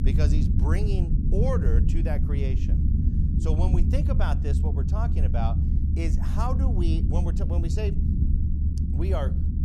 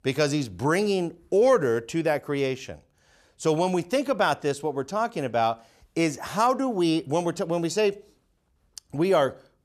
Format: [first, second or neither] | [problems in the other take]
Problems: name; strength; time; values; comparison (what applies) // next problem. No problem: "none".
second | low rumble; loud; throughout; 3 dB below the speech